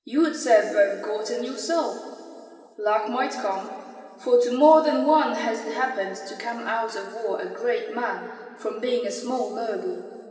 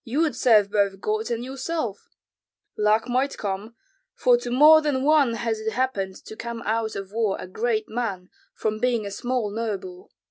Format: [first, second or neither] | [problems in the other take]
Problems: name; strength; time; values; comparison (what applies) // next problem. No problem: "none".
second | room echo; dies away in 2.4 s